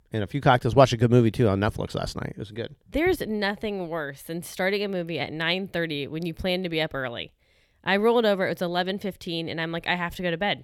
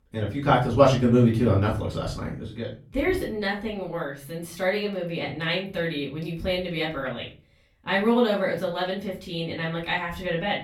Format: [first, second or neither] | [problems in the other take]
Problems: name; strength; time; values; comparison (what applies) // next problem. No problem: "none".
first | off-mic speech; far // room echo; slight; dies away in 0.3 s